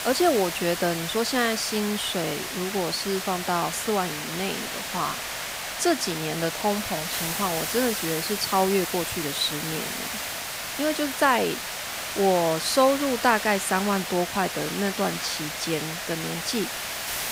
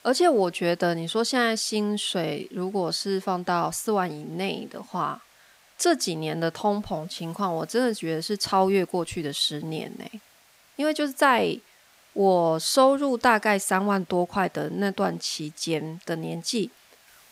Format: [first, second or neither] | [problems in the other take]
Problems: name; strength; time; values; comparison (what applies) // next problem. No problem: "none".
second | hiss; loud; throughout; 4 dB below the speech; faint in the second